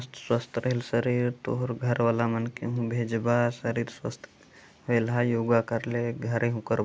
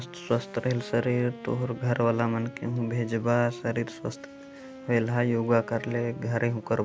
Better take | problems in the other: first | background sound (Wind instrument, woodwind instrument); 16 dB below the speech

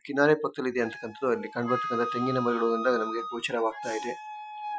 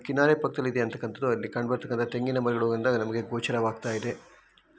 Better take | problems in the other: second | noise reduction (classical method Wiener filter)

